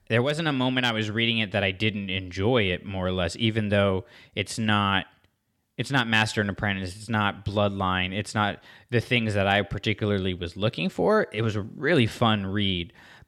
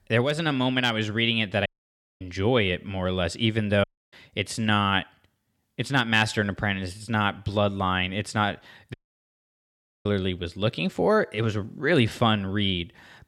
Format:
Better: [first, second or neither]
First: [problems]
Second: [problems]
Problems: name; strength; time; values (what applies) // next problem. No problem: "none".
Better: first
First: none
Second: audio cutting out; at 1.5 s for 0.5 s, at 4 s and at 9 s for 1 s